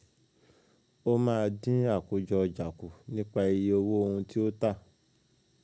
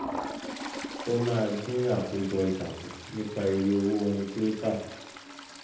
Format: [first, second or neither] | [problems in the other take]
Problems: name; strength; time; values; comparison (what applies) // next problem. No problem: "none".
first | background sound (Toilet flush); 11 dB below the speech // room echo; dies away in 0.8 s